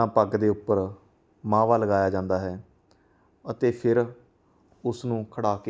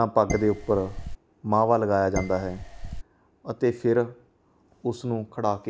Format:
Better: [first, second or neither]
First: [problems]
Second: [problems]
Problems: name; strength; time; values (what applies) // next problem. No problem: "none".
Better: first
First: none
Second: background sound (Dishes, pots, and pans); 7 dB below the speech